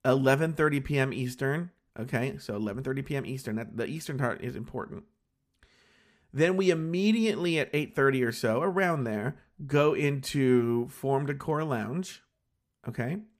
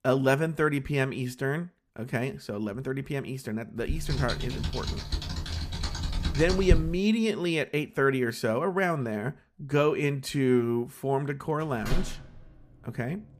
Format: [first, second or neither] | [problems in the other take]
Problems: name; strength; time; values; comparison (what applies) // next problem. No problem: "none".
first | keyboard typing; loud; from 4 to 7 s; peak 1 dB above the speech // door banging; noticeable; at 12 s; peak 6 dB below the speech